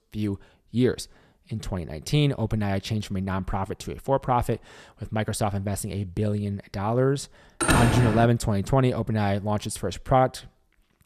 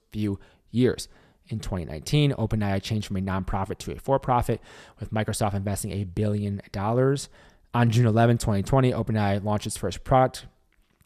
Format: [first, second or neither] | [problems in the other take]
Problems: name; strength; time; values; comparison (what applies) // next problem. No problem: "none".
second | door banging; loud; at 7.5 s; peak 4 dB above the speech